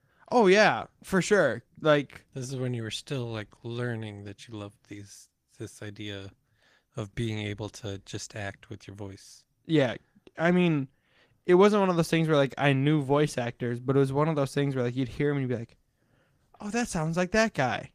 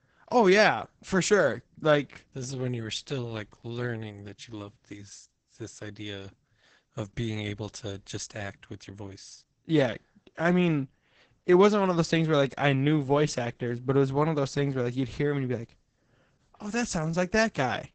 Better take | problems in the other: first | garbled, watery; badly; nothing above 8 kHz; slightly in the first

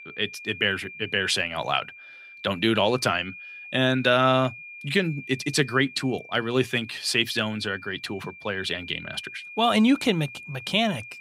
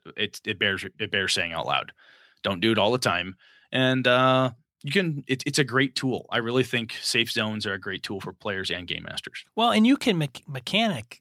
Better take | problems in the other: second | high-pitched whine; noticeable; throughout; 2.5 kHz, 15 dB below the speech

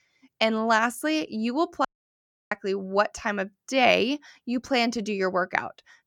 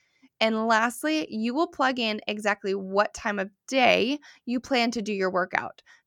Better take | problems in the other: second | audio cutting out; at 2 s for 0.5 s

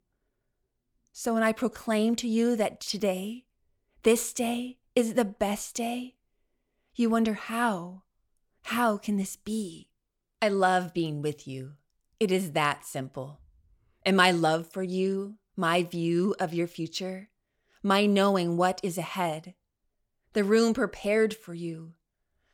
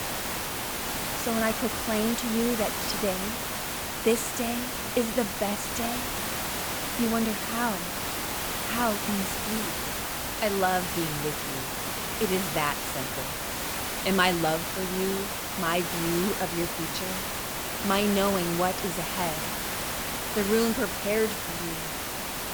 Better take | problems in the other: first | hiss; loud; throughout; 1 dB below the speech

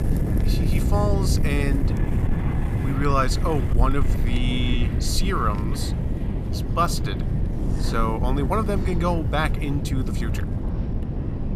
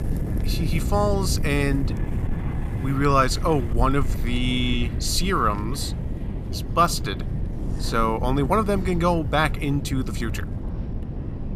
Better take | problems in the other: second | wind noise on the microphone; heavy; 8 dB below the speech; occasional gusts in the second

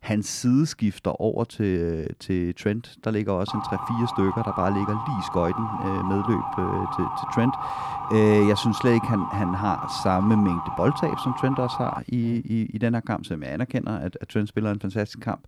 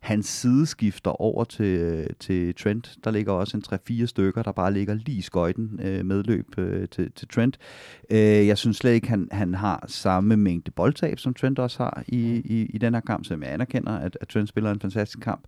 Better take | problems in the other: second | siren; noticeable; from 3.5 to 12 s; peak 4 dB below the speech

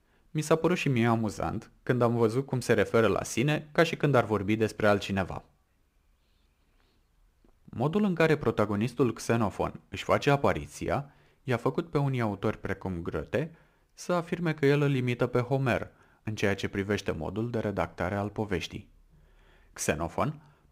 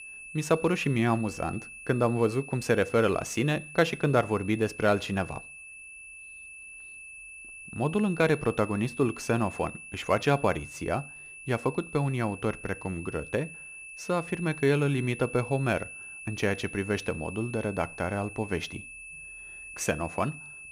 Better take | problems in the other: first | high-pitched whine; noticeable; throughout; 2.5 kHz, 15 dB below the speech

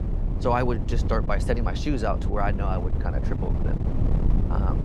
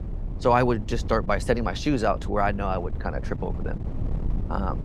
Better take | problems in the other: second | wind noise on the microphone; heavy; 9 dB below the speech; occasional gusts in the second

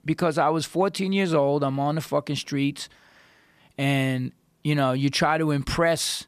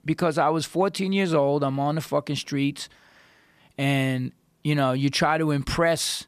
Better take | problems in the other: neither | none

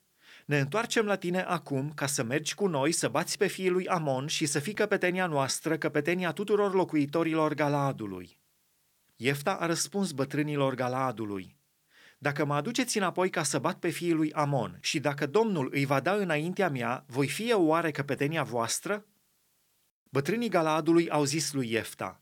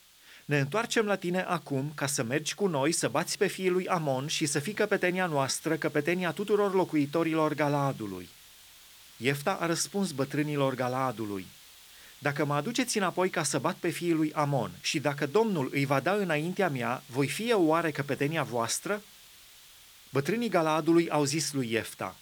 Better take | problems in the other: first | hiss; faint; throughout; 20 dB below the speech

